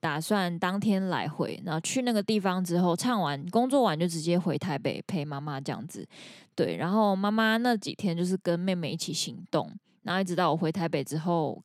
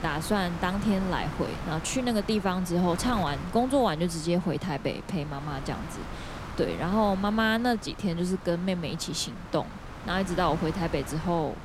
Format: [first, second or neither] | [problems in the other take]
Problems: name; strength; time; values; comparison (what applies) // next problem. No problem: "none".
first | wind noise on the microphone; occasional gusts; 10 dB below the speech